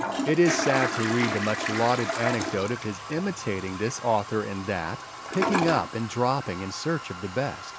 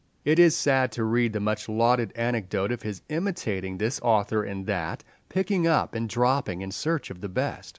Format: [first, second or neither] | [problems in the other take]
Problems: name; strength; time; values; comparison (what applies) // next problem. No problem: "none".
second | background sound (Toilet flush); 5 dB below the speech